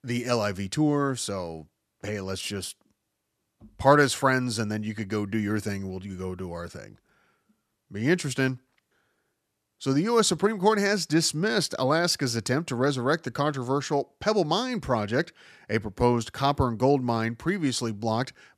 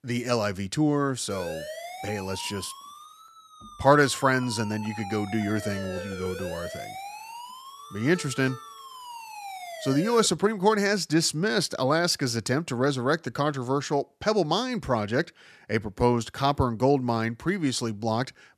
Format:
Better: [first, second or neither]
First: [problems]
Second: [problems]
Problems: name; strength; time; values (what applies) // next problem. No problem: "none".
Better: first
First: none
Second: siren; noticeable; from 1.5 to 10 s; peak 9 dB below the speech